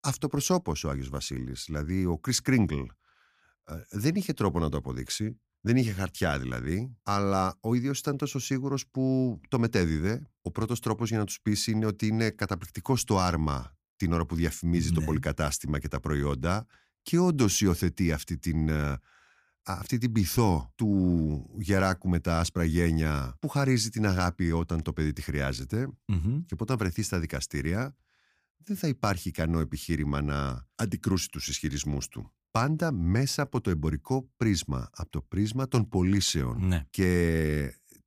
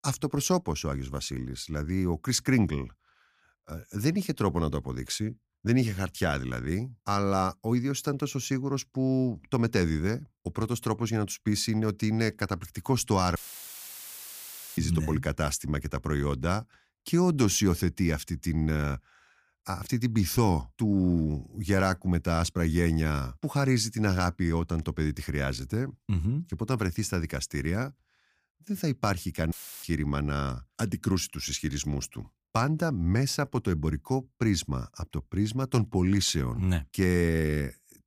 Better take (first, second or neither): first